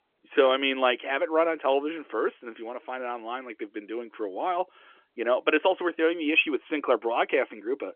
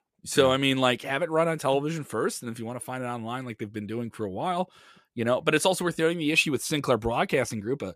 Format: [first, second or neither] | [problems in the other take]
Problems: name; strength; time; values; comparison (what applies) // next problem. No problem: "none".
second | phone-call audio; nothing above 3 kHz